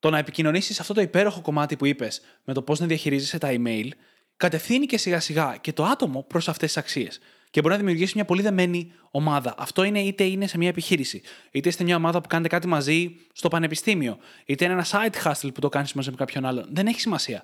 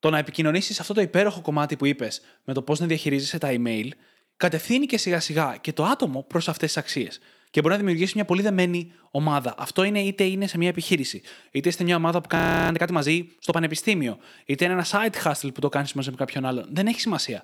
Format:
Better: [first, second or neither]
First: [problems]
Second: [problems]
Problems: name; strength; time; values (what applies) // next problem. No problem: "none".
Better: first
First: none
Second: audio freezing; at 12 s